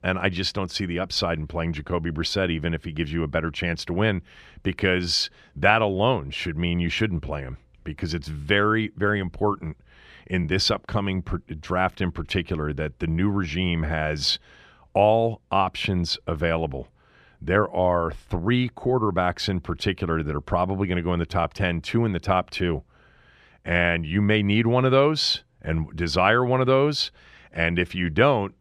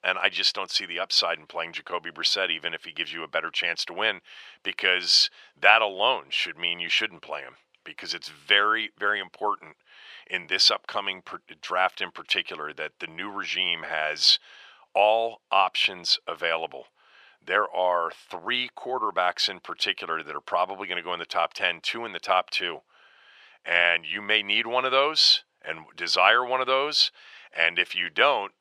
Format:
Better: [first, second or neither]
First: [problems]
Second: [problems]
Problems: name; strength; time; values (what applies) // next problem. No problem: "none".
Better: first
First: none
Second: thin; very; fading below 800 Hz